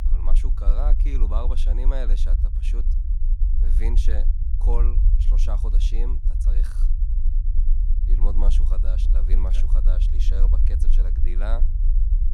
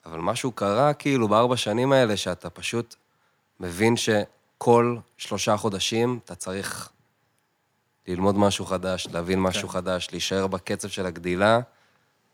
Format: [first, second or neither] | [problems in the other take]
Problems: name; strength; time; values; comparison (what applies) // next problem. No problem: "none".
second | low rumble; loud; throughout; 6 dB below the speech